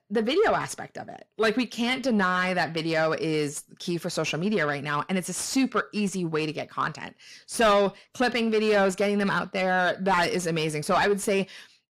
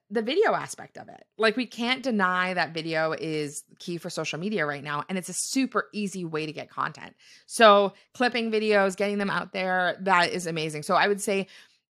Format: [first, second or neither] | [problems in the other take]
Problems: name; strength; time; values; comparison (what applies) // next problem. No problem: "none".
second | distortion; heavy; 8 dB below the speech